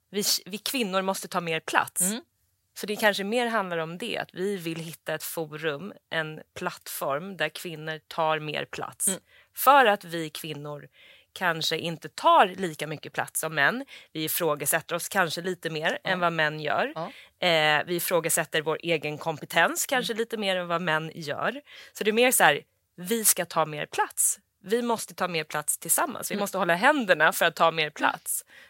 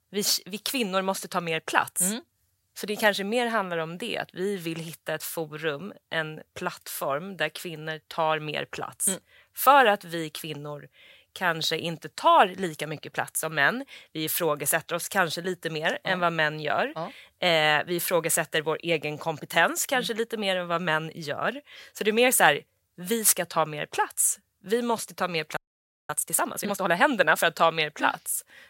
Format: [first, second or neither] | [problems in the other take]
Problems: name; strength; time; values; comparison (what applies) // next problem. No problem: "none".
first | audio freezing; at 26 s for 0.5 s